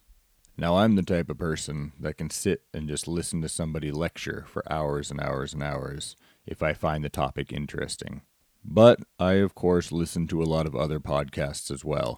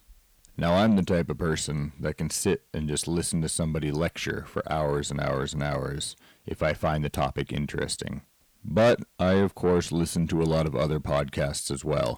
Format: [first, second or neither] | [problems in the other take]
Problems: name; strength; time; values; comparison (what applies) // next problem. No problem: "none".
first | distortion; heavy; 8 dB below the speech